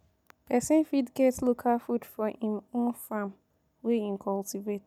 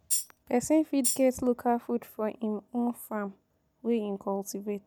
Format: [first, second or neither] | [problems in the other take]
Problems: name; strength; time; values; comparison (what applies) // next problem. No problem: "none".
first | background sound (Tambourine); 1 dB below the speech